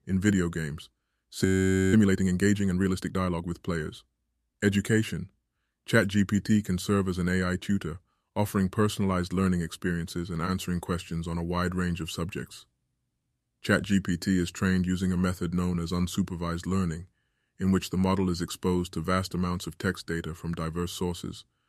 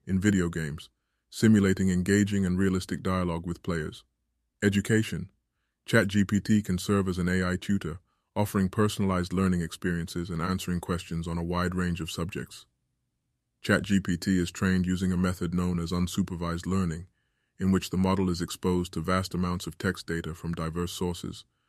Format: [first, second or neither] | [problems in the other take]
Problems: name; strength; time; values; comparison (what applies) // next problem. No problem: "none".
second | audio freezing; at 1.5 s